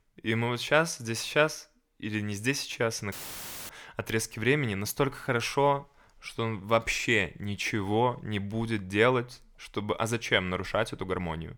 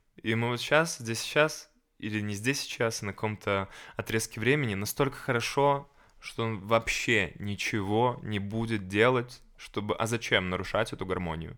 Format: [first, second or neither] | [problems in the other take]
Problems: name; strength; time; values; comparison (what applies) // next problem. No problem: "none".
second | audio cutting out; filled with static; at 3 s for 0.5 s